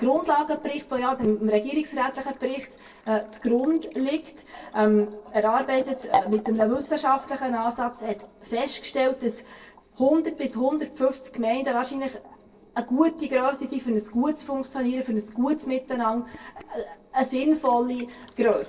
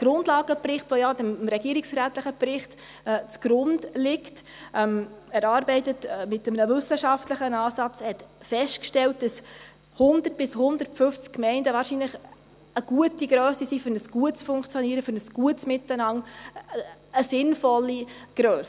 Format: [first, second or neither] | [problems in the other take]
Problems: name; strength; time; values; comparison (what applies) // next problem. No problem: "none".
second | noise reduction (neural separator model SepFormer DNS4)